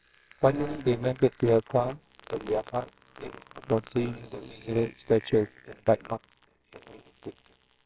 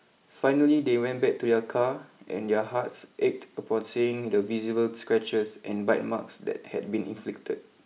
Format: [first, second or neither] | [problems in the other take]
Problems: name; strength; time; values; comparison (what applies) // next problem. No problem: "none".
second | noise reduction (neural separator model SepFormer WHAMR!)